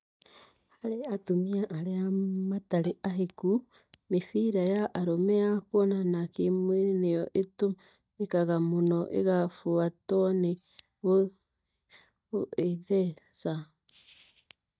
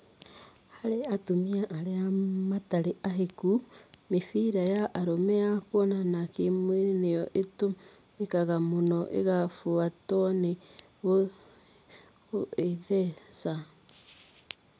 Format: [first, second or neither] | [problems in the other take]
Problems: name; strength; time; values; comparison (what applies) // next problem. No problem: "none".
second | noise reduction (neural mask model DeepFilterNet 3)